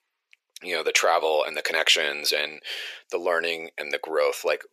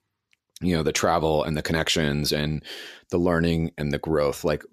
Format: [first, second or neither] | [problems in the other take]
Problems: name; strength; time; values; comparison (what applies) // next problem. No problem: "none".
second | thin; very; fading below 500 Hz